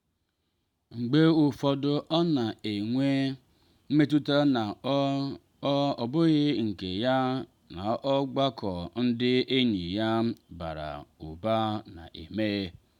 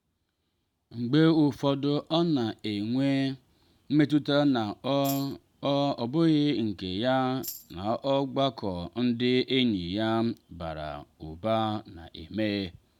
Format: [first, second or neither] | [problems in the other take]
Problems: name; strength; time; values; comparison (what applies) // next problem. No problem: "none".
first | background sound (Tambourine); 15 dB below the speech